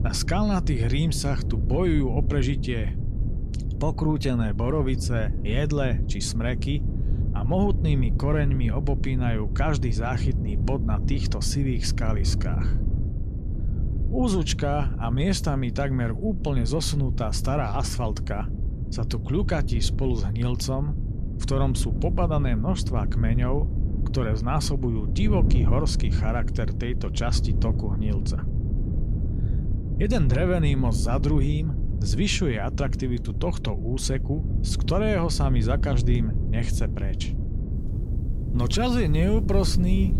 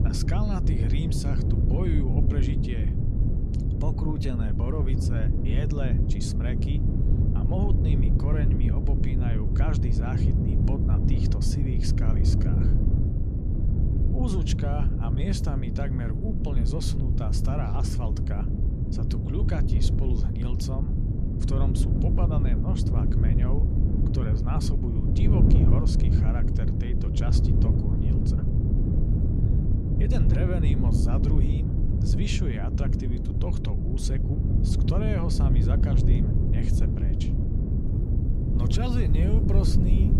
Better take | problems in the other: first | wind noise on the microphone; heavy; 1 dB above the speech; occasional gusts in the first

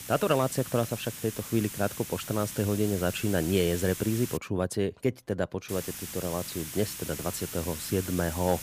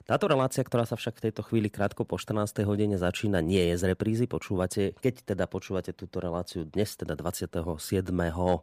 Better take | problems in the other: second | hiss; loud; until 4.5 s and from 5.5 s on; 8 dB below the speech

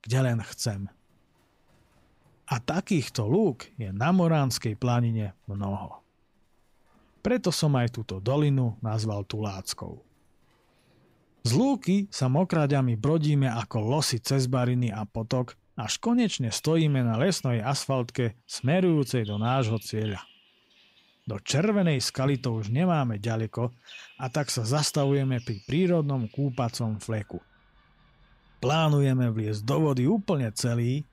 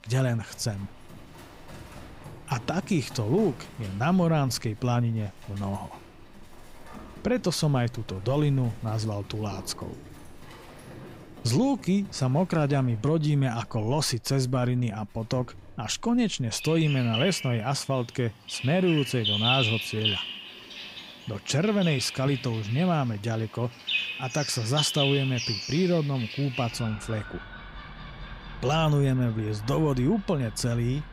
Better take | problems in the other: first | animal sounds; loud; throughout; 7 dB below the speech; faint in the first

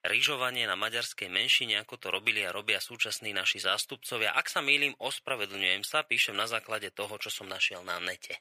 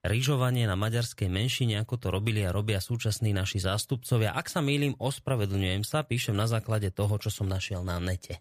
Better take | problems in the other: second | thin; very; fading below 500 Hz

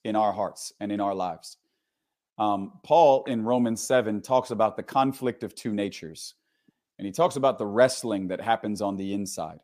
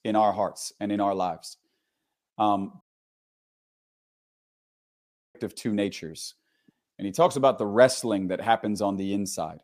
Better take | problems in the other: first | audio cutting out; at 3 s for 2.5 s

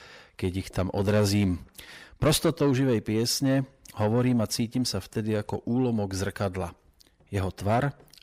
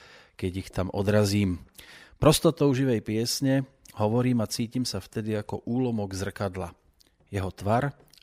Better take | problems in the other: second | distortion; slight; 10 dB below the speech

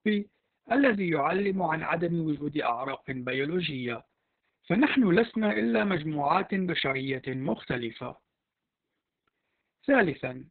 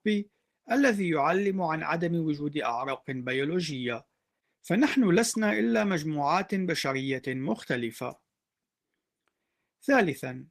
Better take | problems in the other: second | garbled, watery; badly; nothing above 4 kHz; slightly in the second

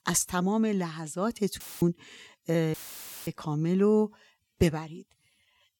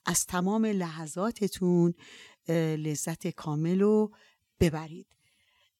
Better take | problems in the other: second | audio cutting out; filled with static; at 1.5 s and at 2.5 s for 0.5 s

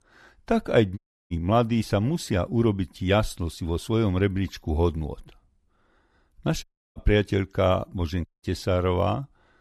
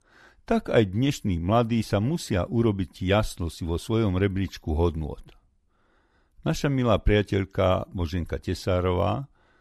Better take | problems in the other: second | audio cutting out; at 1 s, at 6.5 s and at 8.5 s

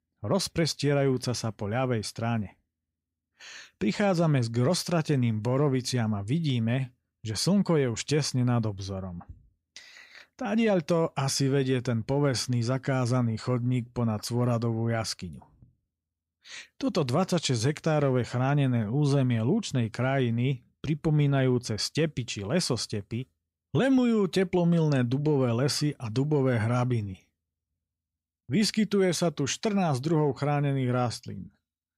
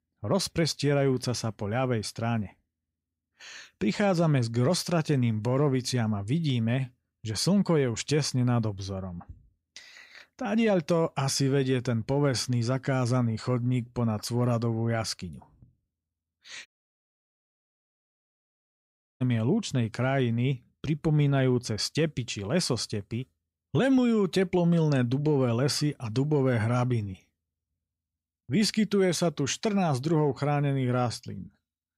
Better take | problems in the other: first | audio cutting out; at 17 s for 2.5 s

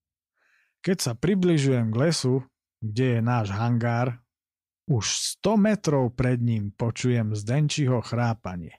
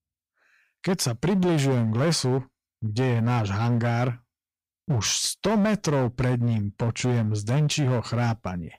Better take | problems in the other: first | distortion; slight; 13% of the sound clipped

